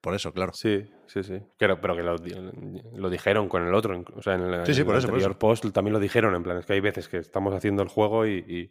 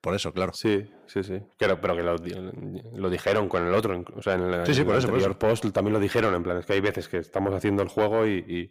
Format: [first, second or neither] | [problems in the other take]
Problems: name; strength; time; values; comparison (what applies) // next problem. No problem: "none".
first | distortion; slight; 10 dB below the speech